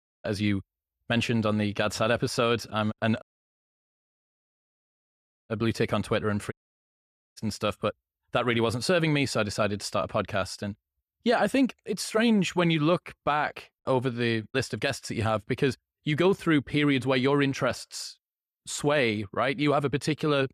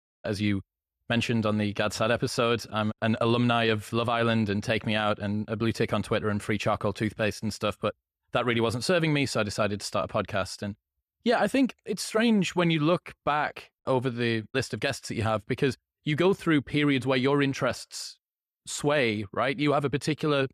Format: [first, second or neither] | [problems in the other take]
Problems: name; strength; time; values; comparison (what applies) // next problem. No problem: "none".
second | audio cutting out; at 3 s for 2.5 s and at 6.5 s for 1 s